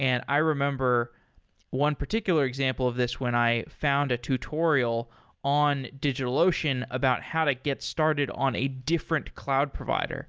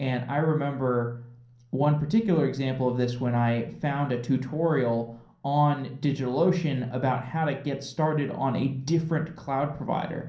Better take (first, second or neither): first